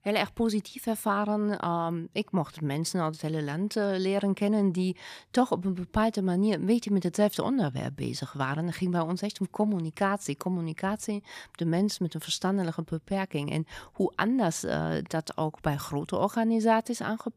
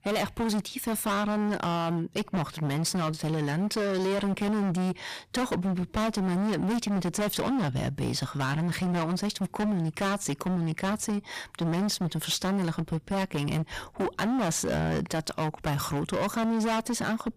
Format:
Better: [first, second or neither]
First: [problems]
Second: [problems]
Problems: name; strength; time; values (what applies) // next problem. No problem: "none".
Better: first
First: none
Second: distortion; heavy; 29% of the sound clipped